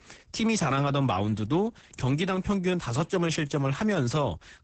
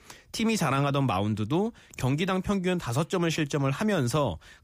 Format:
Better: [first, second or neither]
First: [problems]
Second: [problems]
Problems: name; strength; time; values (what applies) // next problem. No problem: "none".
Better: second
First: garbled, watery; badly; nothing above 8 kHz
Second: none